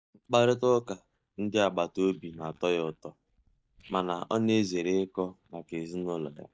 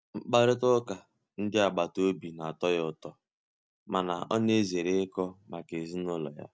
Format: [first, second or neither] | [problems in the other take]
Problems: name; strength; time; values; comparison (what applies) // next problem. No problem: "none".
second | noise reduction (neural mask model DeepFilterNet 3)